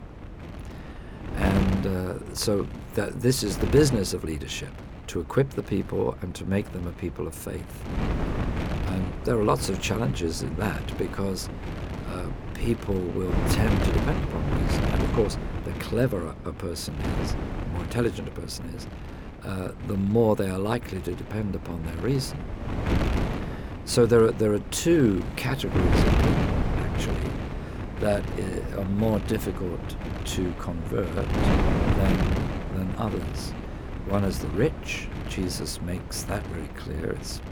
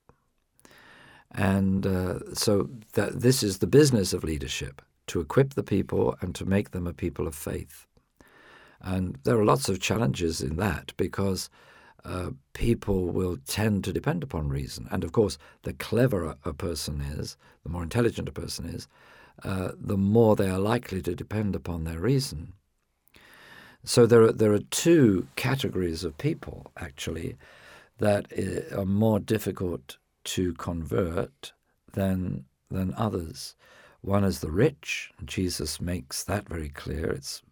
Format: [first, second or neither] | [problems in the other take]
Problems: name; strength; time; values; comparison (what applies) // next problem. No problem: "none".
second | wind noise on the microphone; heavy; 5 dB below the speech